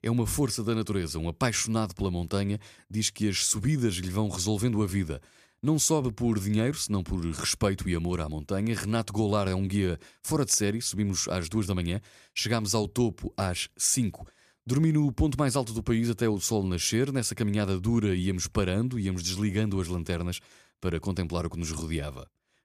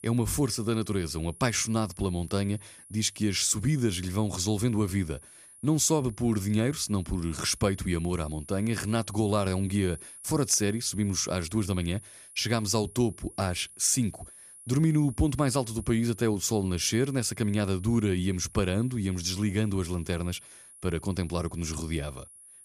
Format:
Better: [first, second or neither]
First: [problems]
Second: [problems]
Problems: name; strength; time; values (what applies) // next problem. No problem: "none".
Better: first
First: none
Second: high-pitched whine; noticeable; throughout; 9.5 kHz, 20 dB below the speech